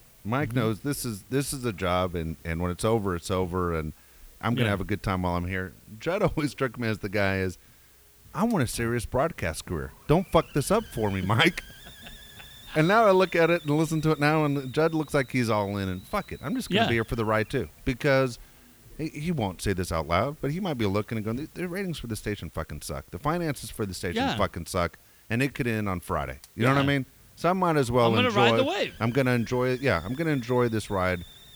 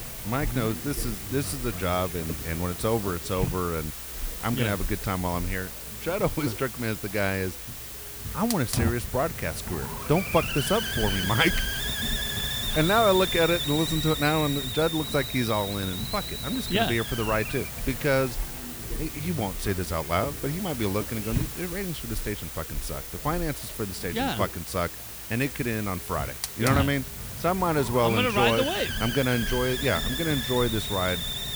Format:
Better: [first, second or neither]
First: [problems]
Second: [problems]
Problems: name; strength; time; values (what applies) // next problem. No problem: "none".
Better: first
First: hiss; faint; throughout; 25 dB below the speech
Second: hiss; loud; throughout; 4 dB below the speech